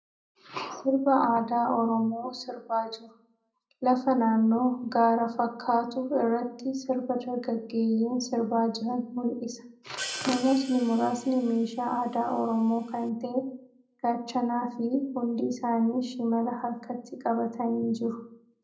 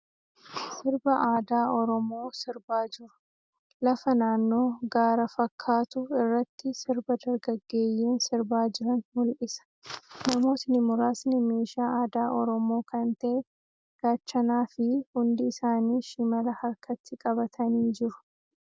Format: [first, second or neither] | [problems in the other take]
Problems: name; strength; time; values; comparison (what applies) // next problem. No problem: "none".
second | background sound (Hi-hat); 15 dB below the speech // room echo; dies away in 0.5 s